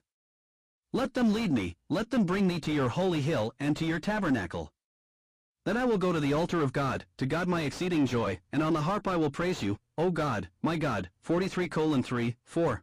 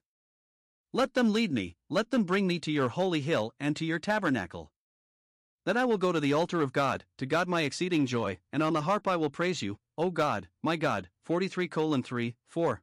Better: second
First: distortion; heavy; 6 dB below the speech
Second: none

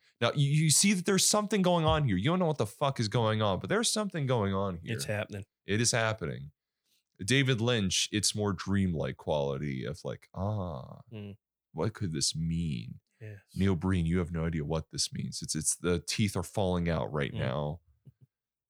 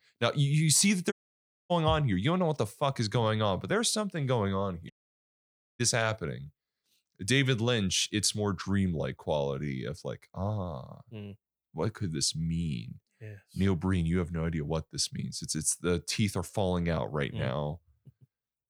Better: first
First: none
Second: audio cutting out; at 1 s for 0.5 s and at 5 s for 1 s

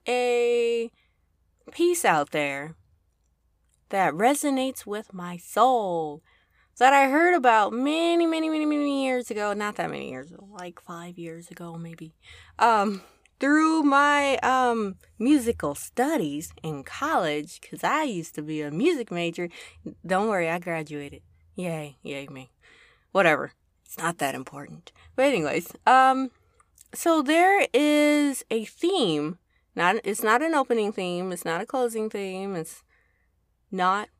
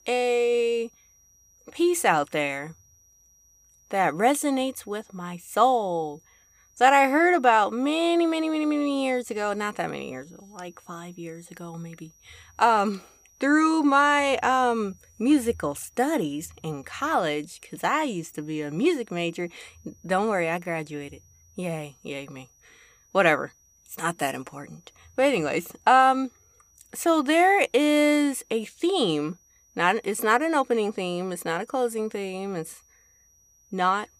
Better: first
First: none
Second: high-pitched whine; faint; throughout; 6 kHz, 35 dB below the speech

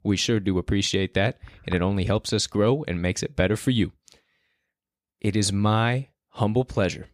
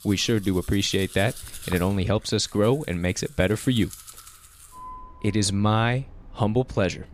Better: first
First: none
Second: household noises; noticeable; throughout; 20 dB below the speech

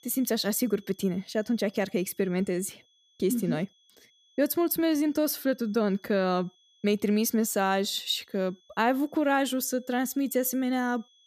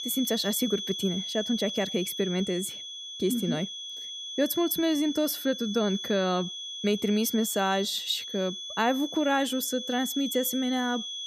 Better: first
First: high-pitched whine; faint; throughout; 3.5 kHz, 35 dB below the speech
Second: high-pitched whine; loud; throughout; 3.5 kHz, 6 dB below the speech

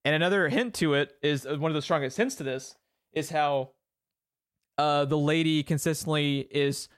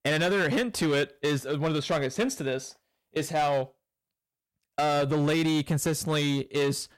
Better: first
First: none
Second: distortion; slight; 12% of the sound clipped

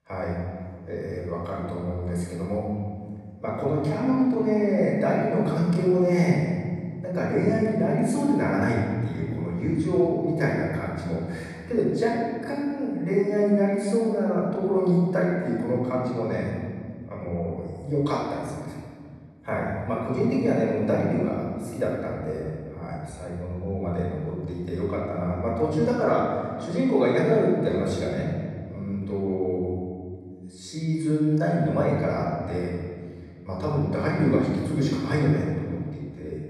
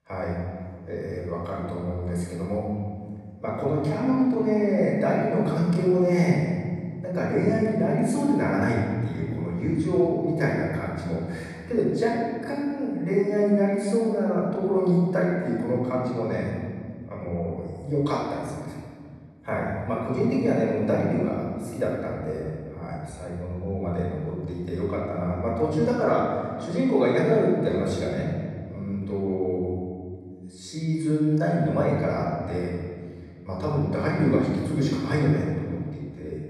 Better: neither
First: off-mic speech; far // room echo; strong; dies away in 2 s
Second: off-mic speech; far // room echo; strong; dies away in 2 s

